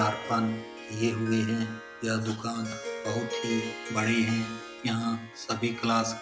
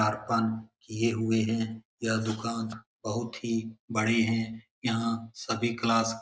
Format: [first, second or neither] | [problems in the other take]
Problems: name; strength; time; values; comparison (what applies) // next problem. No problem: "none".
second | background sound (Harp); 9 dB below the speech